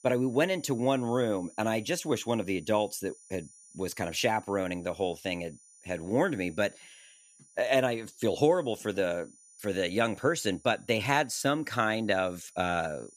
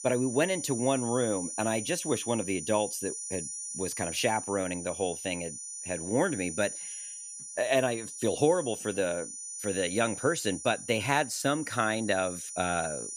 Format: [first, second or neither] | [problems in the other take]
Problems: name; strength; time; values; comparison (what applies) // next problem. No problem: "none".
first | high-pitched whine; loud; throughout; 9.5 kHz, 7 dB below the speech; faint in the first